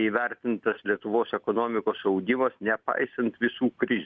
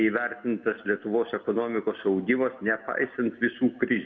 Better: first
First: none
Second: room echo; dies away in 1 s

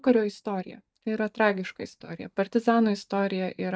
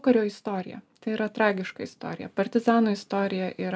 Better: second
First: noise reduction (neural mask model DeepFilterNet 3)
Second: none

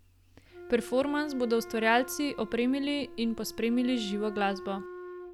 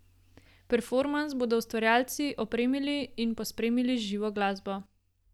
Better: second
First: background sound (Wind instrument, woodwind instrument); 14 dB below the speech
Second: none

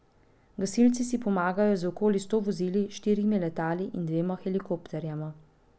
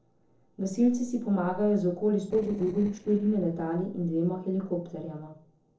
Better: first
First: none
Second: noise reduction (neural separator model SepFormer DNS4)

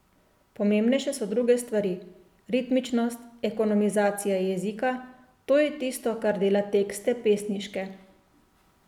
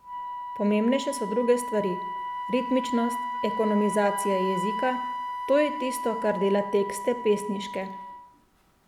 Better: first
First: none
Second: background sound (Wind instrument, woodwind instrument); 6 dB below the speech

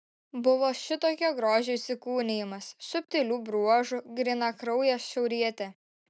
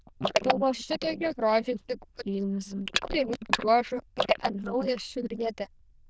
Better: first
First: none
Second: noise reduction (neural diffusion model UNIVERSE++)

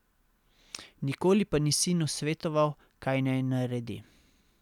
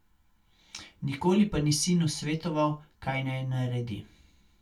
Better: first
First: none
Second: room echo; dies away in 0.2 s

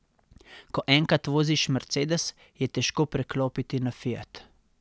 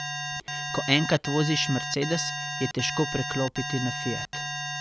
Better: first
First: none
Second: background sound (Alarm); 4 dB below the speech

